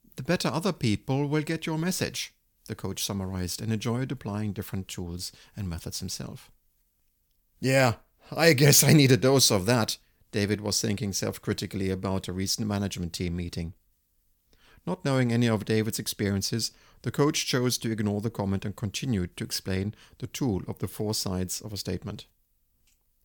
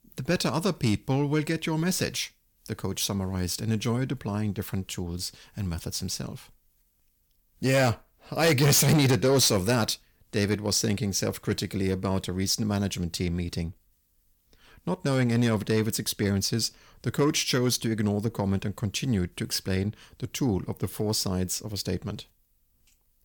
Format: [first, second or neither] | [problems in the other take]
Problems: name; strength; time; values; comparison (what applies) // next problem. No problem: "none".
first | distortion; slight; 10 dB below the speech